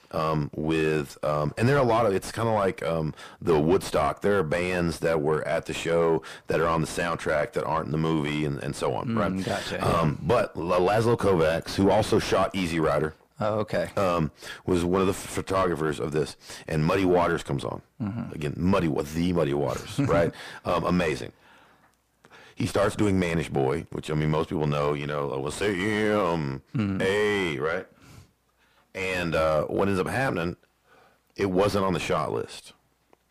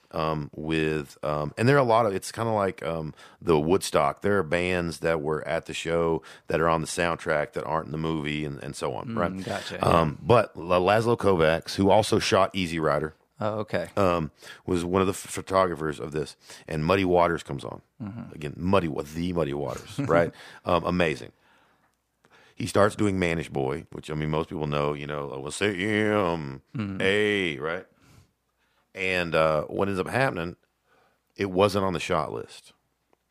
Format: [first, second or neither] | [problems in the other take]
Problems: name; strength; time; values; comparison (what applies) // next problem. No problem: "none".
second | distortion; heavy; 6 dB below the speech